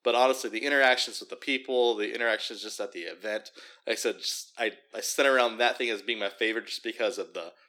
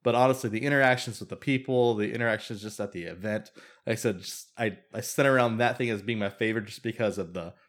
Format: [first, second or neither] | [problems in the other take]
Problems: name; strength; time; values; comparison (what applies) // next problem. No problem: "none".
second | thin; somewhat; fading below 300 Hz